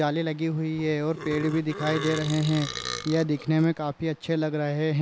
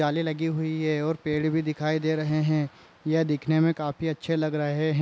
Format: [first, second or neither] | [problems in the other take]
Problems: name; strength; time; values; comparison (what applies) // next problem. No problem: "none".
second | background sound (Burping, eructation); 11 dB below the speech